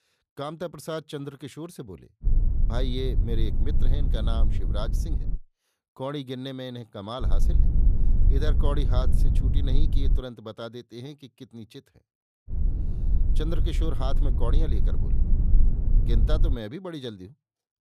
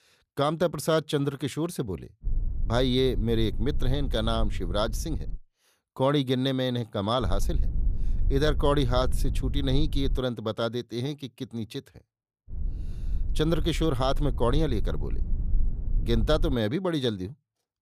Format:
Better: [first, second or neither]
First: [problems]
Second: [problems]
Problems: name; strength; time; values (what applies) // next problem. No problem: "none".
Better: second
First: low rumble; loud; from 2 to 5.5 s, from 7 to 10 s and from 13 to 17 s; 8 dB below the speech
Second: low rumble; faint; from 2 to 5.5 s, from 7 to 10 s and from 13 to 17 s; 20 dB below the speech